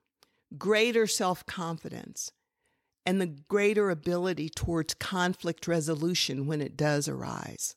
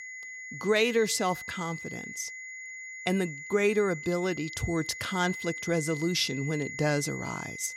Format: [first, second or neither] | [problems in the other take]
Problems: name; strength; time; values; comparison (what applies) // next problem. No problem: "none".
first | high-pitched whine; loud; throughout; 2 kHz, 9 dB below the speech